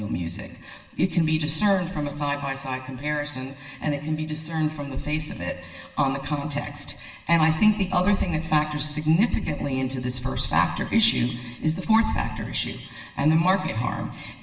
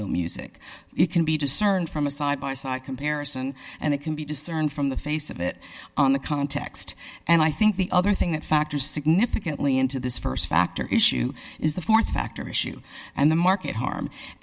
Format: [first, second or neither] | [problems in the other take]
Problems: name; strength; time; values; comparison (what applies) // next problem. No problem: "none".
second | room echo; dies away in 1.1 s